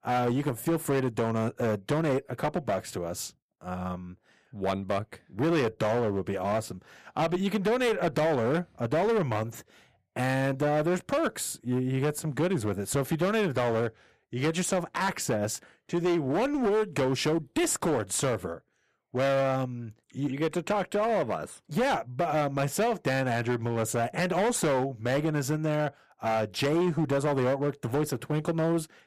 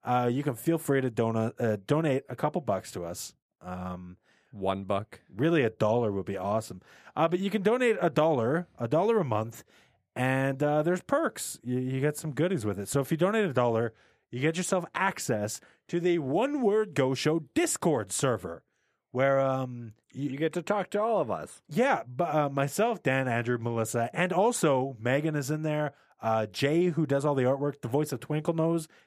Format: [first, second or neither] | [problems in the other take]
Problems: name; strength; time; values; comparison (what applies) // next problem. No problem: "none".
second | distortion; slight; 14% of the sound clipped